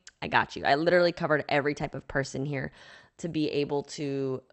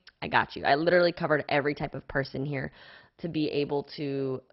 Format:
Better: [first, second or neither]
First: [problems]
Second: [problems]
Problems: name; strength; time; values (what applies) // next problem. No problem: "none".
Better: first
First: garbled, watery; slightly; nothing above 8 kHz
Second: garbled, watery; badly; nothing above 5 kHz